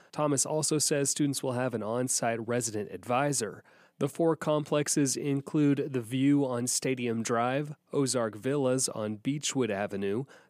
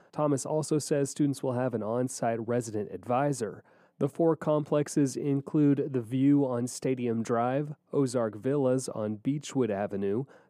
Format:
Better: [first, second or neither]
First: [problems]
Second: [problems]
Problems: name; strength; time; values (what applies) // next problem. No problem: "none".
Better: first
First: none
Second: muffled; slightly; fading above 1.5 kHz